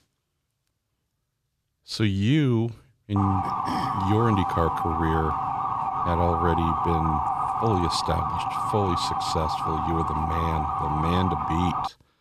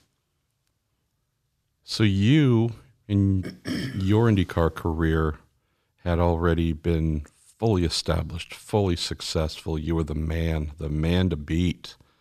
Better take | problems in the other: second | siren; loud; from 3 s on; peak 2 dB above the speech

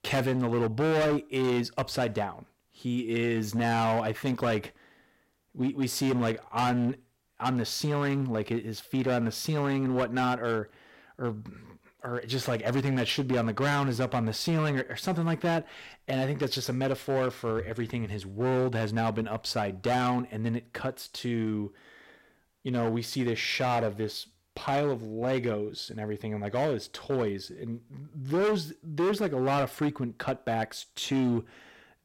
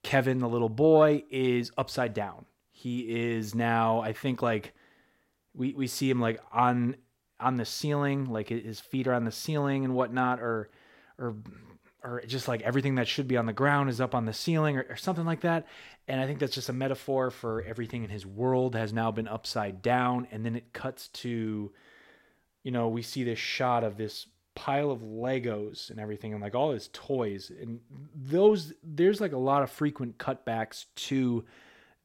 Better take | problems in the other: second | distortion; heavy; 11% of the sound clipped

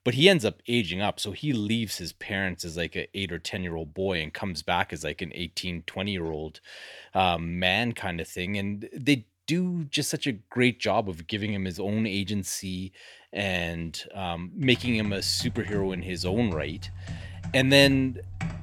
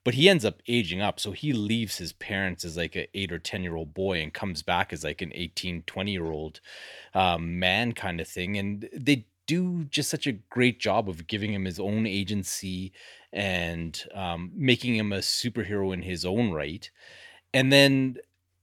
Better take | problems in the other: second | keyboard typing; noticeable; from 15 s on; peak 8 dB below the speech

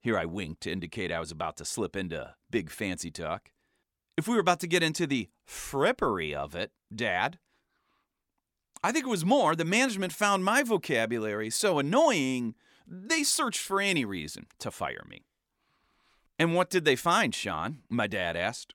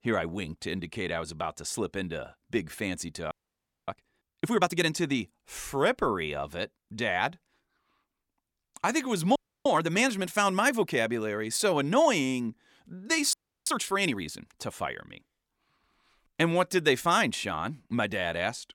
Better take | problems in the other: first | audio freezing; at 3.5 s for 0.5 s, at 9.5 s and at 13 s

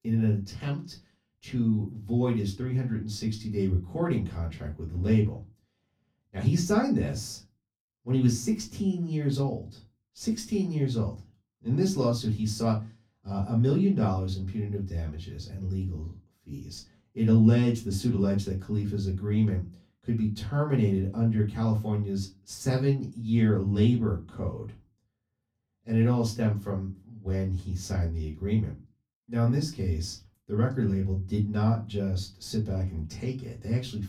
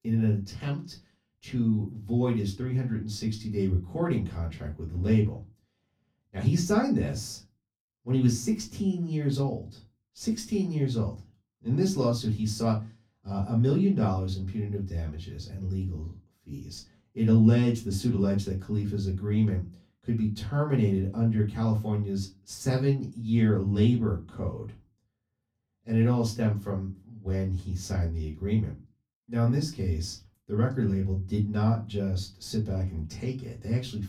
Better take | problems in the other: neither | off-mic speech; far; the same in both // room echo; very slight; dies away in 0.2 s; the same in both

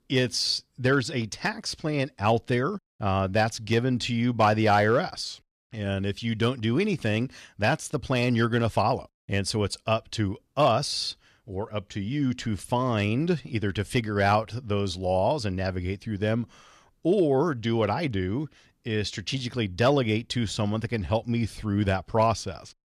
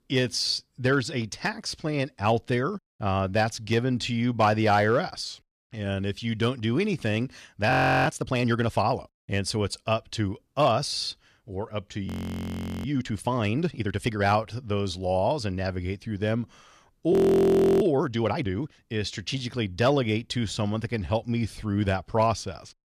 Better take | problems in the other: first | audio freezing; at 7.5 s, at 12 s for 1 s and at 17 s for 0.5 s

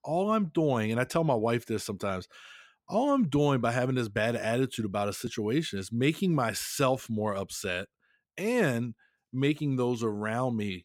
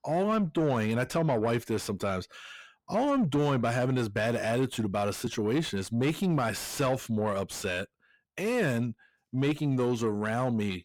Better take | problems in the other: first | distortion; slight; 10 dB below the speech

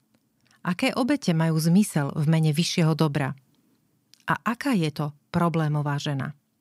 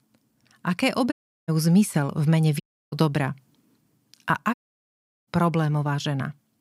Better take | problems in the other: first | audio cutting out; at 1 s, at 2.5 s and at 4.5 s for 0.5 s

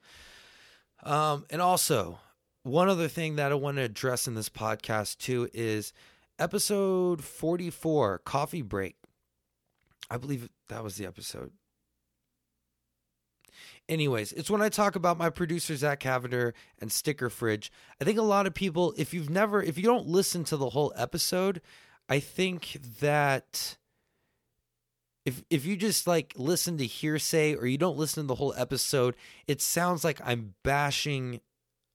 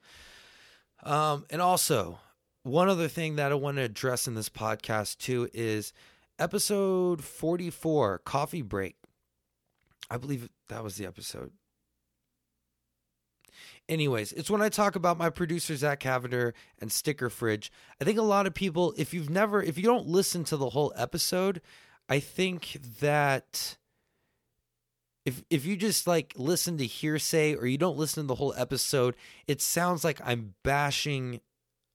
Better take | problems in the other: neither | none

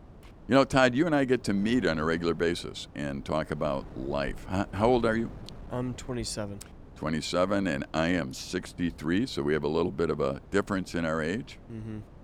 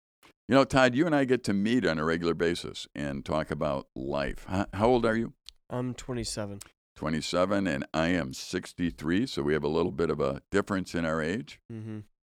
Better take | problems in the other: second | wind noise on the microphone; occasional gusts; 25 dB below the speech

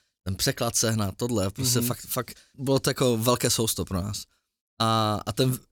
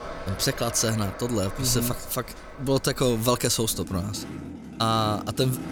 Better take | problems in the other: first | traffic noise; noticeable; throughout; 15 dB below the speech

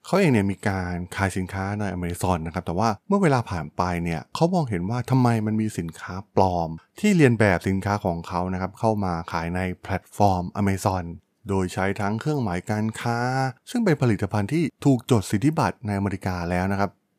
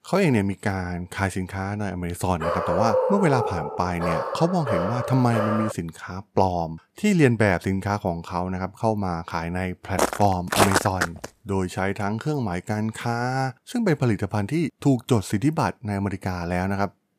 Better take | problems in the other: first | dog barking; loud; from 2.5 to 5.5 s; peak 2 dB above the speech // footsteps; loud; from 10 to 11 s; peak 5 dB above the speech

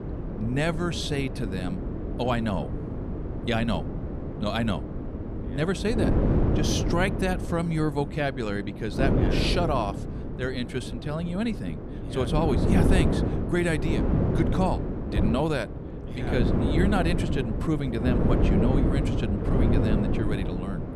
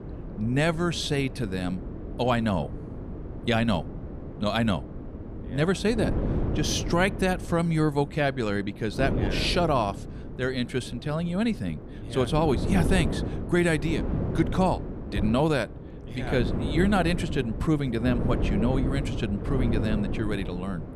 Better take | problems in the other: second | wind noise on the microphone; heavy; 3 dB below the speech; occasional gusts in the second

